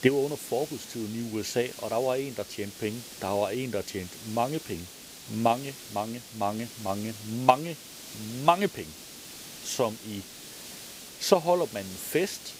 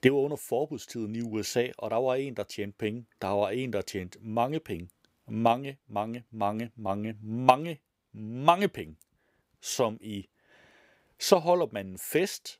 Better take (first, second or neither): second